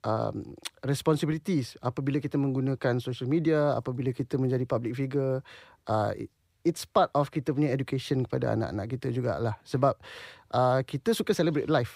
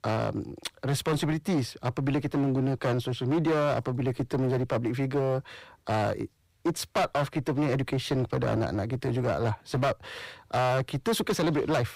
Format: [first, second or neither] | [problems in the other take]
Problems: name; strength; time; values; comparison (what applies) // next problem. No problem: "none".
first | distortion; heavy; 14% of the sound clipped